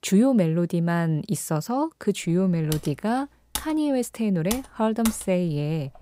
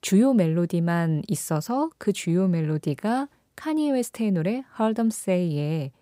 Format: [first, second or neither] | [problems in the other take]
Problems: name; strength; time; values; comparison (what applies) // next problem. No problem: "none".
second | keyboard typing; noticeable; from 2.5 to 5 s; peak 8 dB below the speech